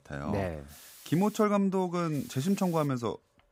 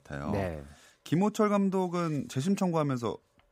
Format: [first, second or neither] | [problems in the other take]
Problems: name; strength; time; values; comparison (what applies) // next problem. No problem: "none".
second | hiss; faint; at 0.5 s and at 2 s; 20 dB below the speech